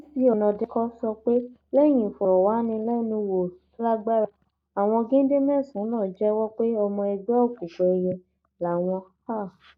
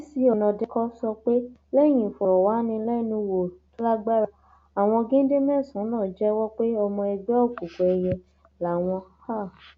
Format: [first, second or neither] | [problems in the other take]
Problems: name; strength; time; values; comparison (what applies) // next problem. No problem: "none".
second | noise reduction (neural mask model DeepFilterNet 3)